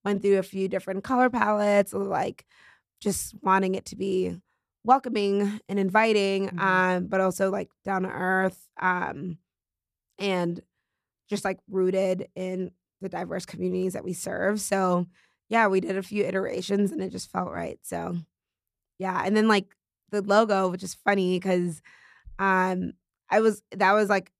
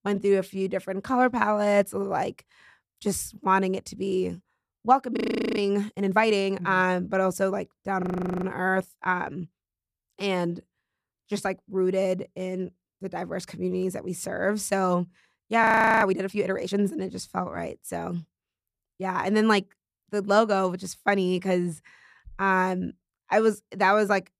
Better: first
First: none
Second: audio freezing; at 5 s, at 8 s and at 16 s

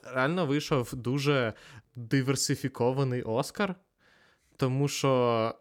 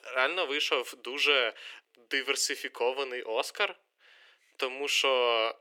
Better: first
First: none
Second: thin; very; fading below 400 Hz

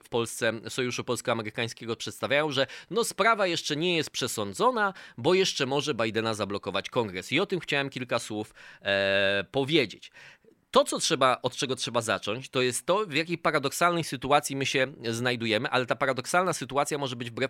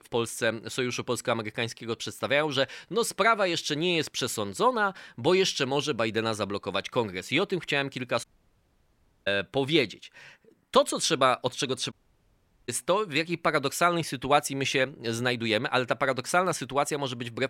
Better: first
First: none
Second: audio cutting out; at 8 s for 1 s and at 12 s for 1 s

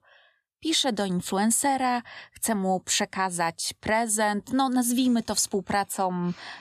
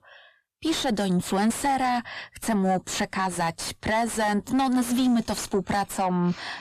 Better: first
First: none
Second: distortion; heavy; 5 dB below the speech

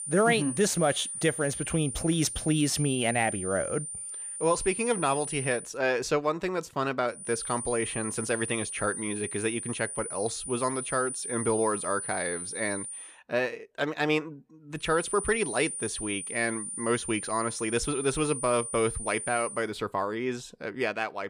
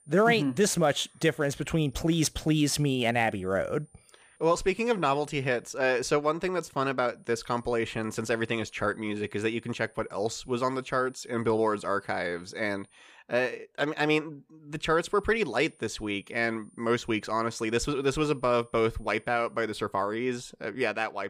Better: second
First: high-pitched whine; loud; until 5.5 s, from 7 to 13 s and from 15 to 20 s; 9.5 kHz, 5 dB below the speech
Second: high-pitched whine; faint; until 5.5 s, from 7 to 13 s and from 15 to 20 s; 9.5 kHz, 30 dB below the speech

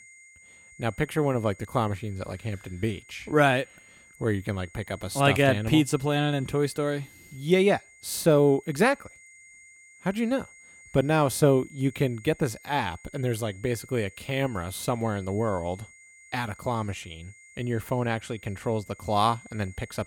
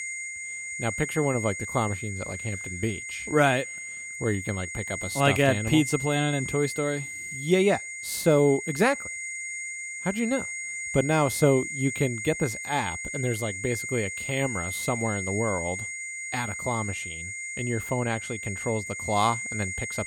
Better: first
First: high-pitched whine; faint; throughout; 2 kHz, 25 dB below the speech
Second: high-pitched whine; loud; throughout; 2 kHz, 6 dB below the speech

